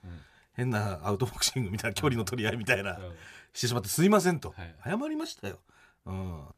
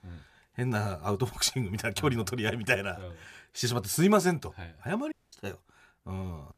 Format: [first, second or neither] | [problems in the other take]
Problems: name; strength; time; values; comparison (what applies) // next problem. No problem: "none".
first | audio cutting out; at 5 s